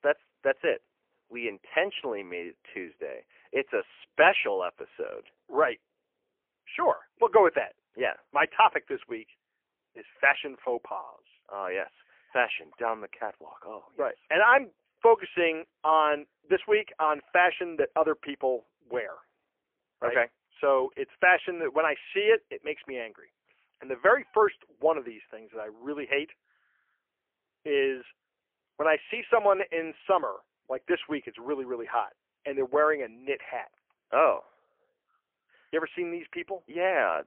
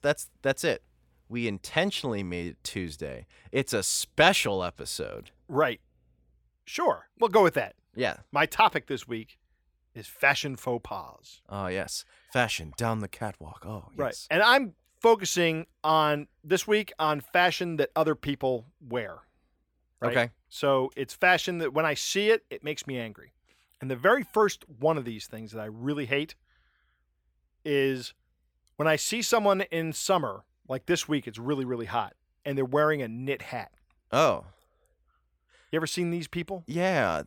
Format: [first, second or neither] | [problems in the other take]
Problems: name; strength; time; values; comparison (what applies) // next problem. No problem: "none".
second | phone-call audio; poor line; nothing above 3 kHz